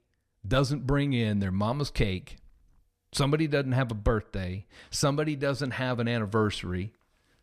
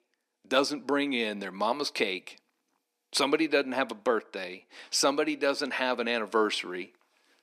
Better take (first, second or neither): first